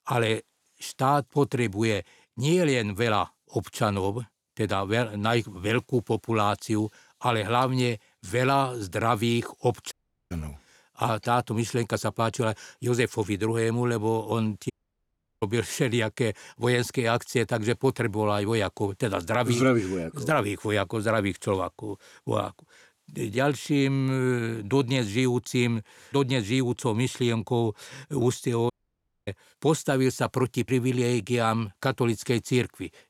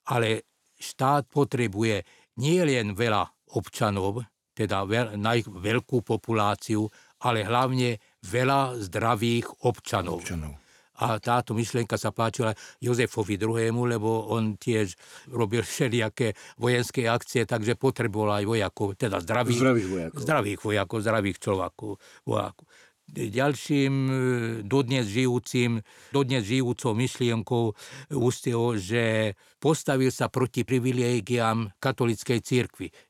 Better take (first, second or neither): second